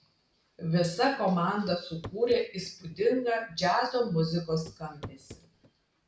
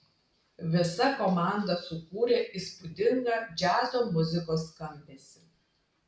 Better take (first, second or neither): second